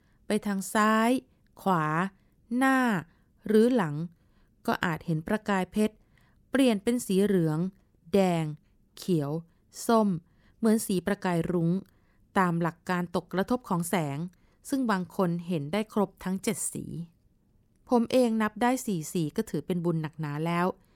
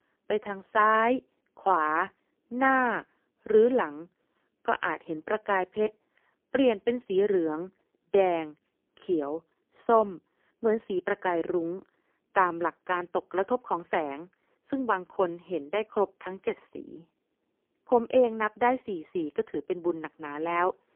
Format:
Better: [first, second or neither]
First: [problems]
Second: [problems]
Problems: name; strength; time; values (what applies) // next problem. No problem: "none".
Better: first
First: none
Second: phone-call audio; poor line; nothing above 3 kHz